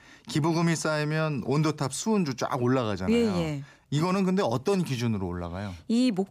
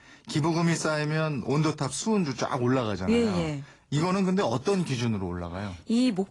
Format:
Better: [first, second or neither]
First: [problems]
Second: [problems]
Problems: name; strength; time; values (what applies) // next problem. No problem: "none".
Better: first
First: none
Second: garbled, watery; slightly